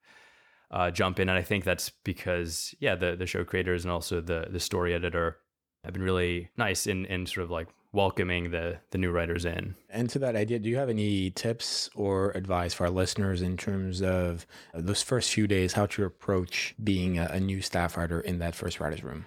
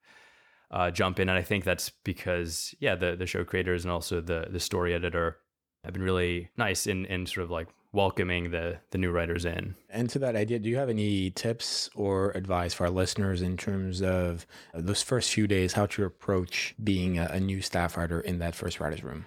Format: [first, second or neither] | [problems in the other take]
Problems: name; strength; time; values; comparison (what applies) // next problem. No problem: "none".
neither | none